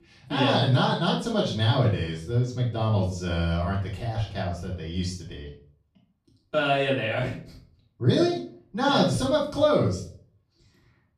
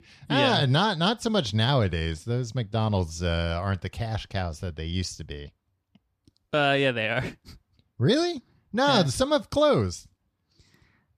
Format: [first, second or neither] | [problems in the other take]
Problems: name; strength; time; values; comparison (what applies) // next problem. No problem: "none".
second | off-mic speech; far // room echo; noticeable; dies away in 0.4 s